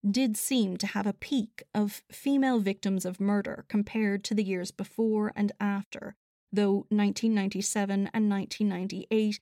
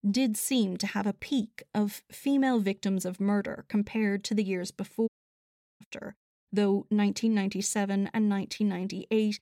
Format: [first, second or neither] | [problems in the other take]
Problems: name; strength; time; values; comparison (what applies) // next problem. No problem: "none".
first | audio cutting out; at 5 s for 0.5 s